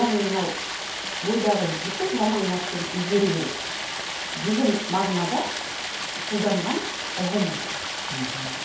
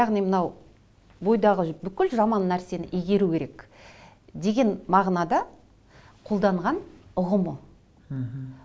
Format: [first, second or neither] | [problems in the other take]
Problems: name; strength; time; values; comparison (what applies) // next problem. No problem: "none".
second | background sound (Stream); 4 dB below the speech // room echo; dies away in 0.5 s